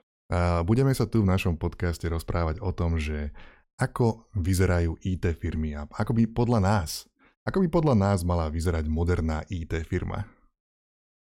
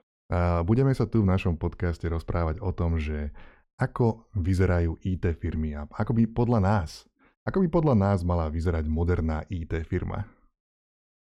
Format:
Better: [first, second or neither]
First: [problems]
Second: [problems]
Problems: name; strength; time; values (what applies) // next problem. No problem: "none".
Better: first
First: none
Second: muffled; slightly; fading above 2 kHz